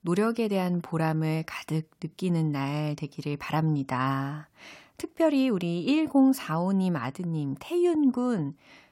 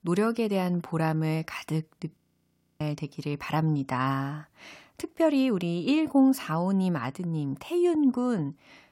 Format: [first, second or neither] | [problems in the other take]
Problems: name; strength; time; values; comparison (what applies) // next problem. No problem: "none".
first | audio freezing; at 2 s for 0.5 s